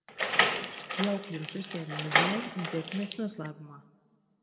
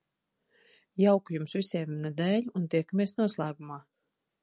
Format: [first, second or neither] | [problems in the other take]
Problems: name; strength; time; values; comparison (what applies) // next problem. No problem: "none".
second | background sound (Door); 4 dB above the speech // room echo; dies away in 1.1 s